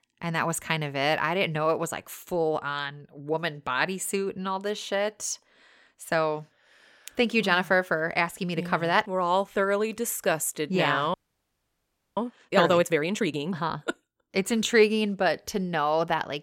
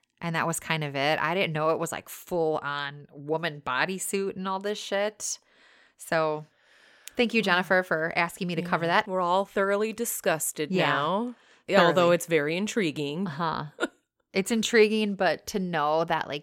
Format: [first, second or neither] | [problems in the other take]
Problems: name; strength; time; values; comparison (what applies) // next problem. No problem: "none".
second | audio freezing; at 11 s for 1 s